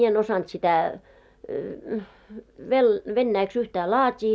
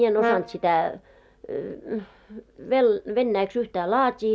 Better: first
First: none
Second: background sound (Brass instrument); 7 dB below the speech

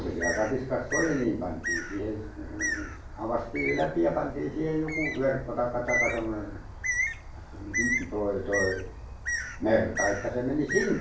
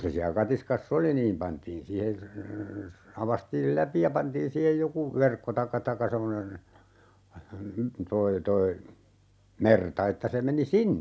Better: second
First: background sound (Bird); 4 dB below the speech // room echo; dies away in 0.3 s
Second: none

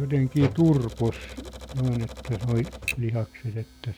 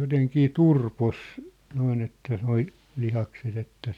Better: second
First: background sound (Typewriter); 12 dB below the speech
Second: none

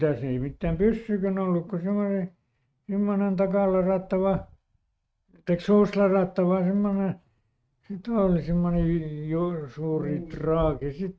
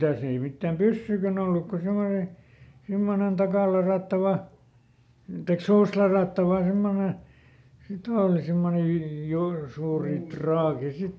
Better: second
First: noise reduction (neural mask model RNNoise)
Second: none

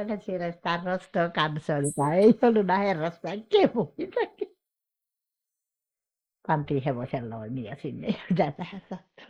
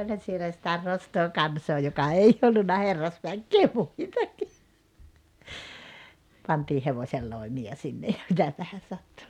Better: second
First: noise reduction (neural mask model Resemble Enhance denoiser)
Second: none

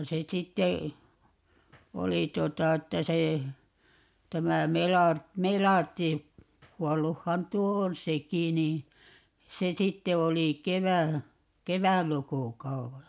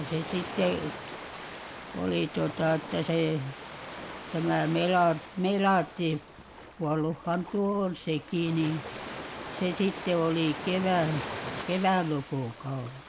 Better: first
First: none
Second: background sound (Ocean); 11 dB below the speech

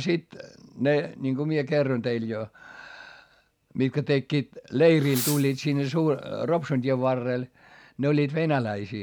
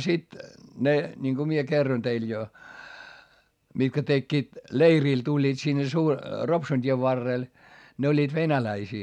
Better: second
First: background sound (Fireworks); 14 dB below the speech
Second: none

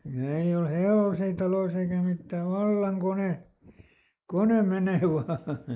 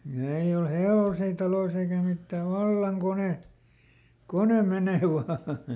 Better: second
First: noise reduction (neural mask model Resemble Enhance denoiser)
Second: none

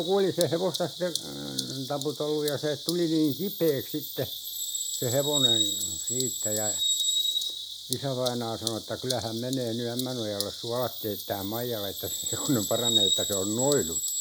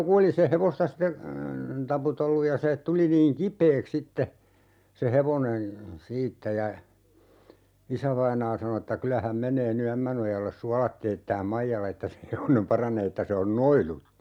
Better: second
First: background sound (Bird vocalization, bird call, bird song); 1 dB below the speech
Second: none

